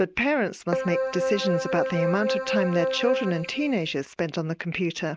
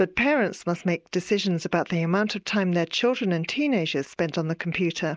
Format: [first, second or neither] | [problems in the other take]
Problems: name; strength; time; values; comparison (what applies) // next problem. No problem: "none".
second | background sound (Keyboard (musical)); 1 dB below the speech